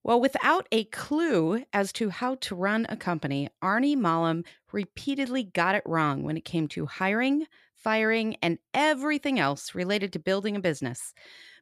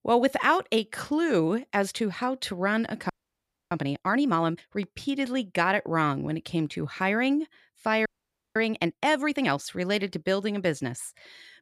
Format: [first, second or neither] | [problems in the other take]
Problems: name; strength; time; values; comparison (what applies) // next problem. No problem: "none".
first | audio freezing; at 3 s for 0.5 s and at 8 s